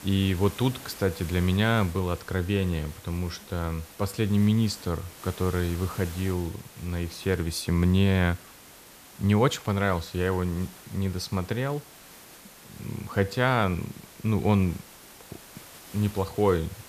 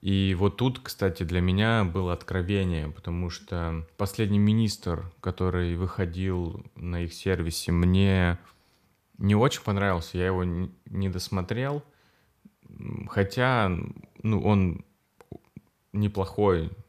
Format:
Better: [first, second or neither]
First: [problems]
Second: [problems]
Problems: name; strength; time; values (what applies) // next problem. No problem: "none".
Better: second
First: hiss; noticeable; throughout; 20 dB below the speech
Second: none